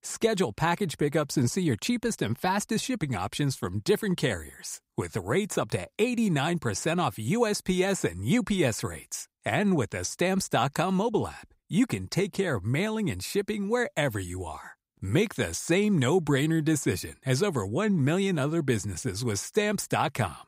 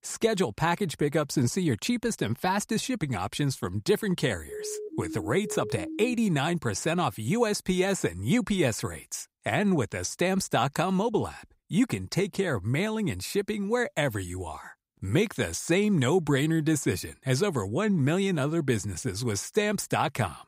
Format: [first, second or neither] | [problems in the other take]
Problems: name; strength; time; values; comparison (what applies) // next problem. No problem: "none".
first | siren; noticeable; from 4.5 to 6 s; peak 9 dB below the speech